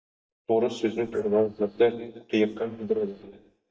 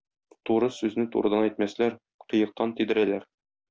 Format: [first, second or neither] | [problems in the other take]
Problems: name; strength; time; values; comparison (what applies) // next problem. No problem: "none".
second | noise reduction (neural mask model DeepFilterNet 3)